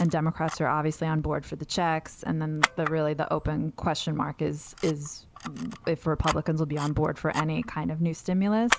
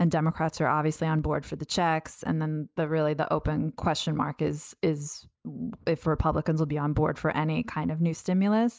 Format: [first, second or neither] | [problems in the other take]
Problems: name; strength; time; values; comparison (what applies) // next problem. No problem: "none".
second | background sound (Camera); 9 dB below the speech